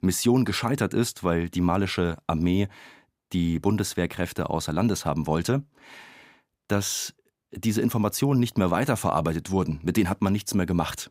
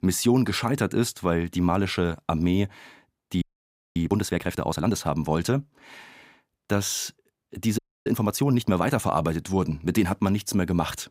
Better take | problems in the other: first | audio freezing; at 3.5 s for 0.5 s and at 8 s

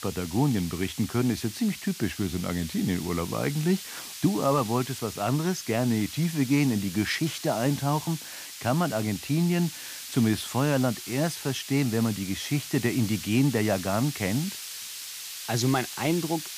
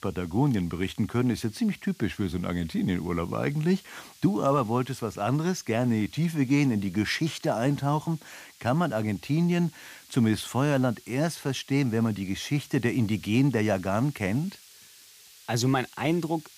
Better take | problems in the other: second | hiss; loud; throughout; 10 dB below the speech; faint in the second

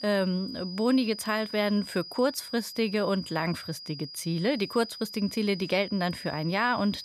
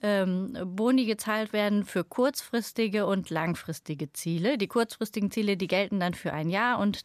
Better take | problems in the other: second | high-pitched whine; noticeable; throughout; 5 kHz, 10 dB below the speech

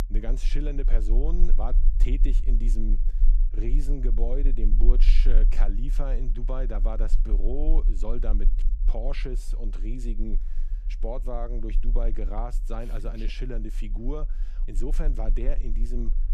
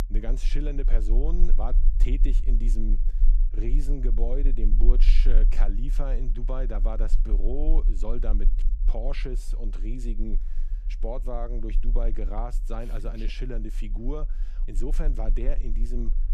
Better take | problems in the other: neither | low rumble; noticeable; throughout; 15 dB below the speech; the same in both

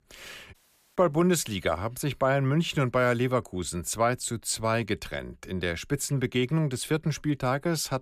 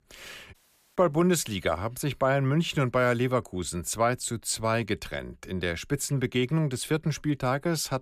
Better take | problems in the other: neither | audio cutting out; at 0.5 s; the same in both

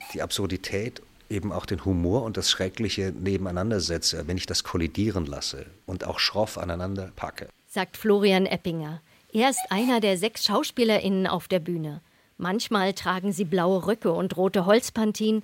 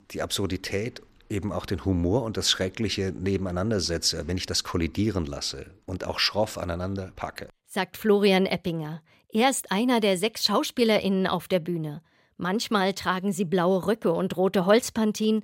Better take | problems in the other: second | hiss; faint; throughout; 20 dB below the speech

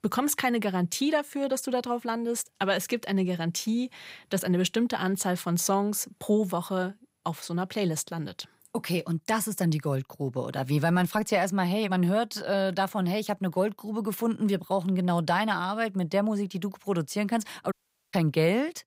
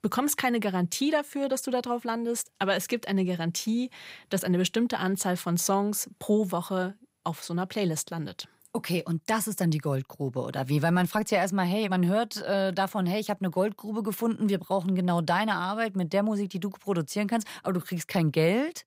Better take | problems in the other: second | audio cutting out; at 18 s

